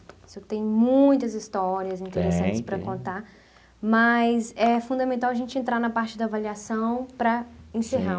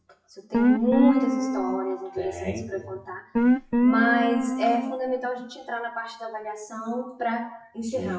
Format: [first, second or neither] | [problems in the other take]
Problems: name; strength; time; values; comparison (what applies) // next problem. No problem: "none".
first | noise reduction (classical method WPE with log-MMSE)